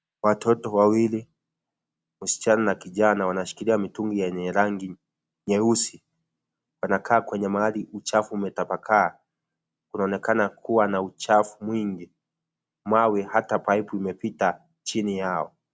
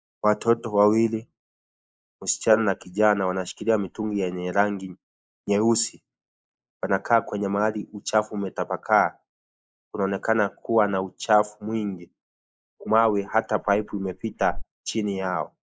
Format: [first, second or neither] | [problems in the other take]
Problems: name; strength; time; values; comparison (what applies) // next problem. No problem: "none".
first | noise reduction (neural mask model Resemble Enhance denoiser)